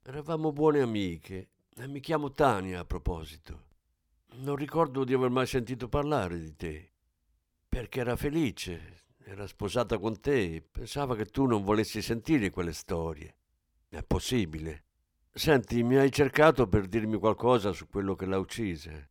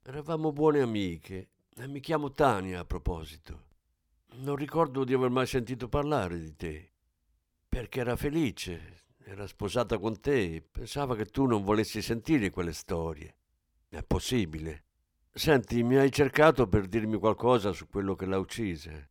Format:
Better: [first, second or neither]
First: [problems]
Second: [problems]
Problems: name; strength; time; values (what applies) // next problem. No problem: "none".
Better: neither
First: none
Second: none